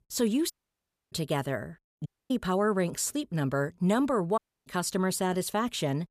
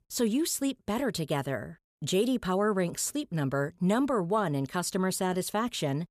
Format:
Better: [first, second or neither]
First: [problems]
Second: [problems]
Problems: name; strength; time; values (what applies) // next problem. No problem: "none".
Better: second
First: audio cutting out; at 0.5 s for 0.5 s, at 2 s and at 4.5 s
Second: none